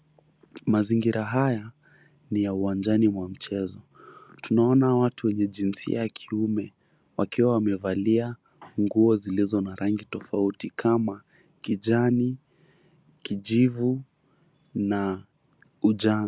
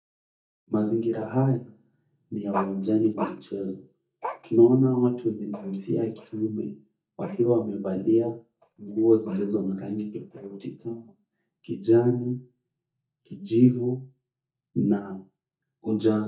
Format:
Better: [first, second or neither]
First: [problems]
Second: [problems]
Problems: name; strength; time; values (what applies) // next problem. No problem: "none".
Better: first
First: none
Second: noise reduction (neural mask model DeepFilterNet 3)